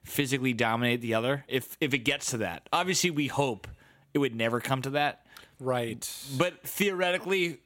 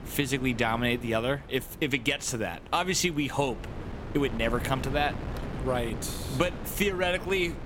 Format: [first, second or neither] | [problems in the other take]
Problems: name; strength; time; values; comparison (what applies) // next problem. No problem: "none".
first | wind noise on the microphone; occasional gusts; 15 dB below the speech